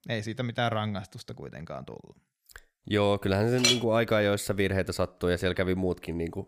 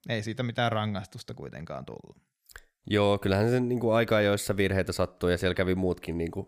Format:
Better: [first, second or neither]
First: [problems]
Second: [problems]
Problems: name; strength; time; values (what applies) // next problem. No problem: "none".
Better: second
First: clattering dishes; loud; at 3.5 s; peak 4 dB above the speech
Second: none